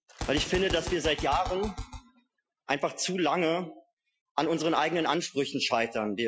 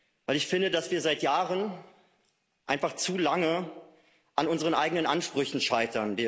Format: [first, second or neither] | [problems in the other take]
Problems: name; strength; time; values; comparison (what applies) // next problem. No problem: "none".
second | noise reduction (classical method Wiener filter)